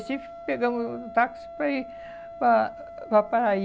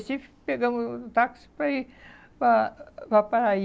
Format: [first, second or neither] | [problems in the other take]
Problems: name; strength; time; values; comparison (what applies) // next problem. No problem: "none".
second | background sound (Wind instrument, woodwind instrument); 15 dB below the speech